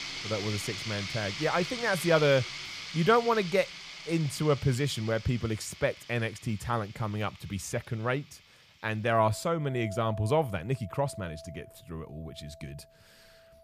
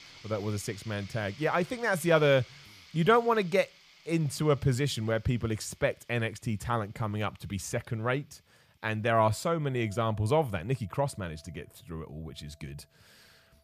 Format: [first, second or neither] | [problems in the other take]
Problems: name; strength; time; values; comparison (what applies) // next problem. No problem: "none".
second | household noises; loud; throughout; 10 dB below the speech; faint in the second